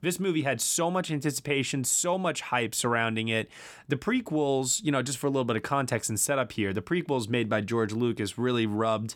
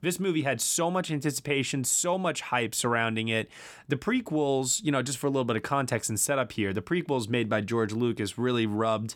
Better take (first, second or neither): neither